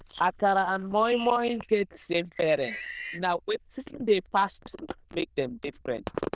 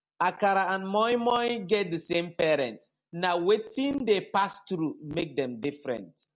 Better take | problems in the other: second | noise reduction (neural diffusion model UNIVERSE++)

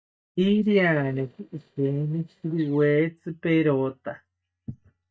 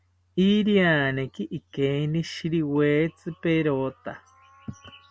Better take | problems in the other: second | noise reduction (neural mask model DeepFilterNet 3)

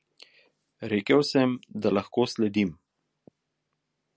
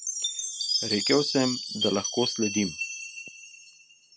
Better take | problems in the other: first | background sound (Chime); 2 dB below the speech

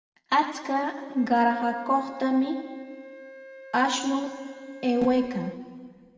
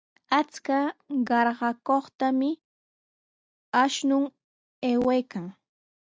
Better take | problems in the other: second | background sound (Wind instrument, woodwind instrument); 19 dB below the speech // room echo; dies away in 1.6 s

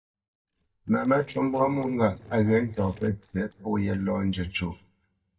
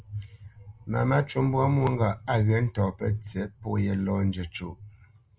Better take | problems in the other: second | noise reduction (neural mask model DeepFilterNet 3)

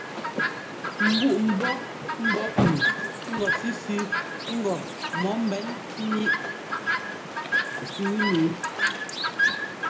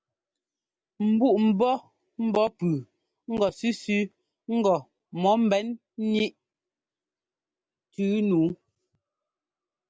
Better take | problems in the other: second | background sound (Chirp, tweet); 1 dB above the speech // room echo; dies away in 0.4 s

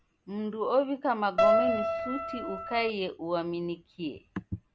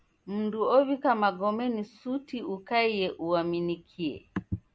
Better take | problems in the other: second | background sound (Keyboard (musical)); 5 dB above the speech

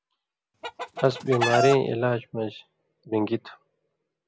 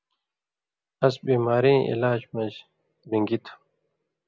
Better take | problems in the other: second | background sound (Chicken, rooster); 1 dB below the speech

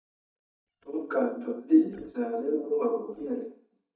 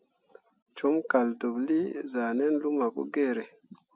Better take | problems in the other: second | noise reduction (neural mask model DeepFilterNet 3)

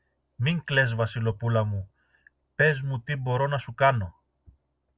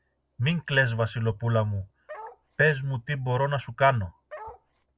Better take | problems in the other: first | background sound (Bark); 16 dB below the speech

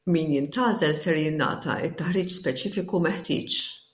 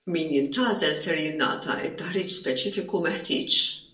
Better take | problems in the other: first | room echo; dies away in 0.2 s

